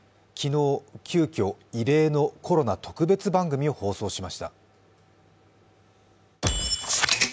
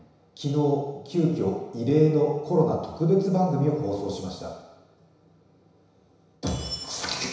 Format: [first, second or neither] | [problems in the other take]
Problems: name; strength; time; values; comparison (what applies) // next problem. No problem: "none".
first | room echo; dies away in 1 s